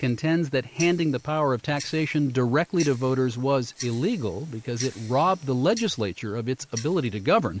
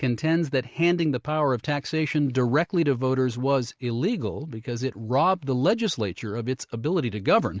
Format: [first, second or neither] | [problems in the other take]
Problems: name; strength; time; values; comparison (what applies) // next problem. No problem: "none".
second | background sound (Tick-tock); 19 dB below the speech